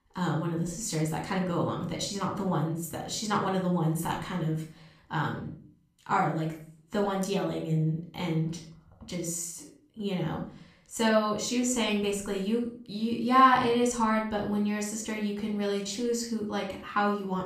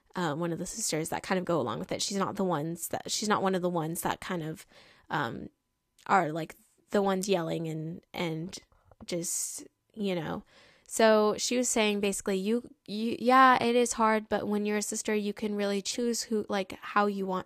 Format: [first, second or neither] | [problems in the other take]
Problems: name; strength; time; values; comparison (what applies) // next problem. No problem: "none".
second | off-mic speech; somewhat distant // room echo; slight; dies away in 0.4 s